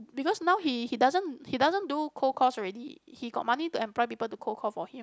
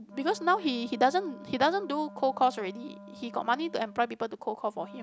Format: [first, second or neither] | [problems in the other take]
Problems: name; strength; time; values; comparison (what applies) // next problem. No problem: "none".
first | background sound (Wind instrument, woodwind instrument); 18 dB below the speech